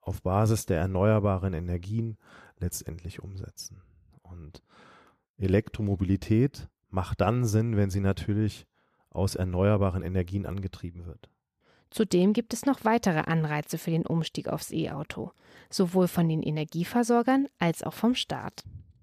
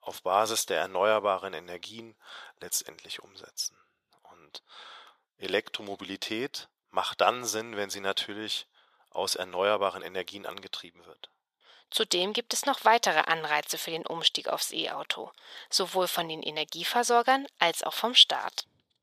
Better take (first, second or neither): first